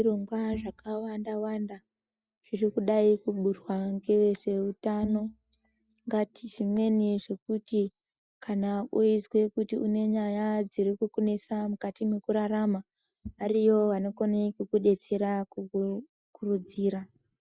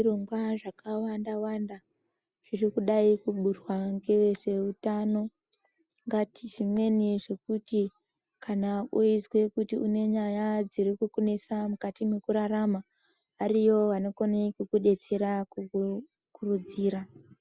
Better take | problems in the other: second | noise reduction (neural mask model DeepFilterNet 3)

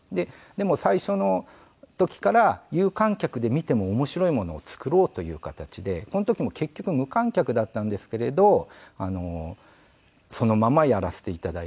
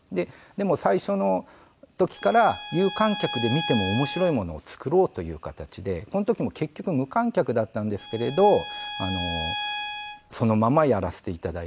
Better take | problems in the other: first | background sound (Bowed string instrument); 8 dB below the speech

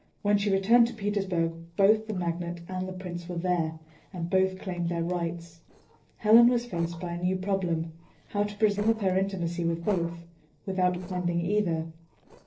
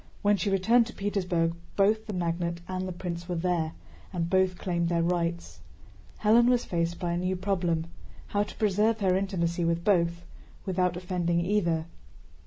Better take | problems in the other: second | noise reduction (neural separator model SepFormer DNS4)

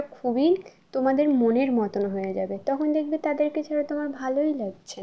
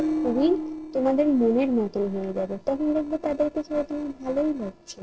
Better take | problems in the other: first | noise reduction (neural separator model SepFormer DNS4)

